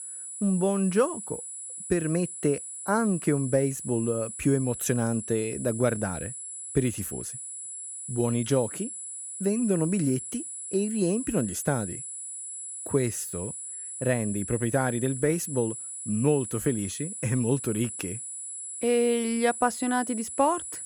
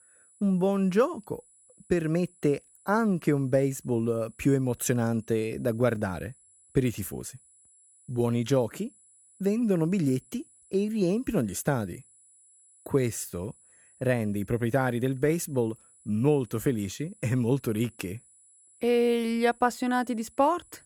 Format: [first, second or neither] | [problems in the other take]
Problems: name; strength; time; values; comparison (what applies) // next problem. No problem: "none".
second | high-pitched whine; loud; throughout; 10 kHz, 7 dB below the speech; faint in the second